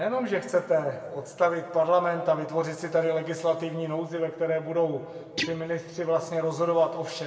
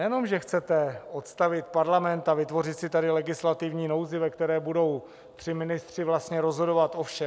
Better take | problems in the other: second | background sound (Guitar); 11 dB below the speech // room echo; dies away in 1.9 s

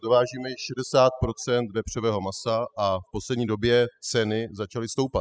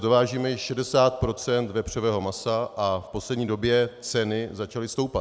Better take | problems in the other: second | noise reduction (classical method spectral subtraction)

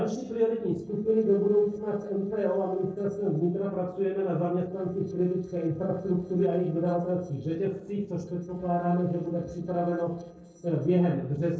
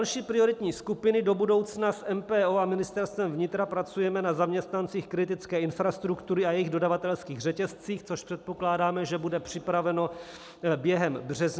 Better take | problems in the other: second | noise reduction (neural separator model SepFormer DNS4)

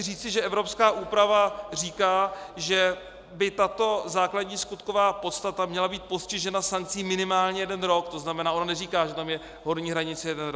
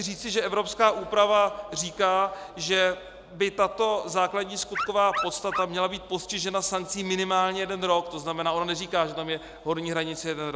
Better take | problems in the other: first | background sound (Dog); 7 dB below the speech

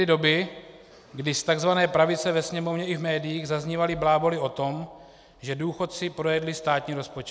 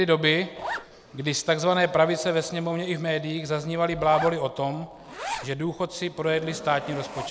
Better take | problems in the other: first | background sound (Zipper (clothing)); 14 dB below the speech

